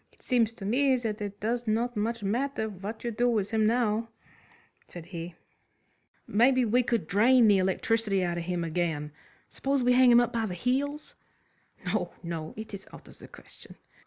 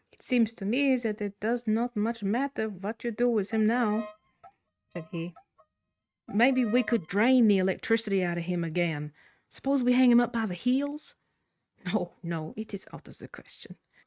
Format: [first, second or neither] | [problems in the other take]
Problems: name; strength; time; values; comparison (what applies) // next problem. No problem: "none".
first | noise reduction (neural mask model RNNoise)